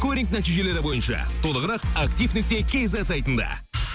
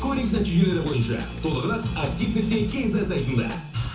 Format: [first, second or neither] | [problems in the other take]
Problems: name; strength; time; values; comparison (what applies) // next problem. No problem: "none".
first | background sound (Drum / Drum kit); 16 dB below the speech // room echo; dies away in 0.8 s